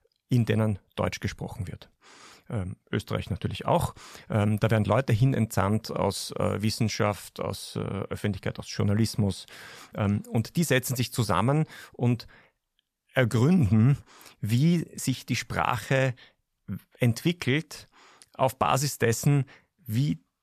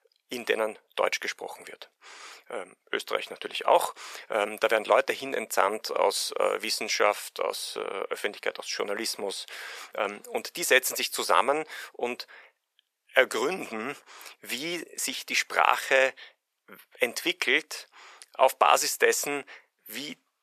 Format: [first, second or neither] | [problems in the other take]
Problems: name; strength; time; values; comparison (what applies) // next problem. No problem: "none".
first | thin; very; fading below 400 Hz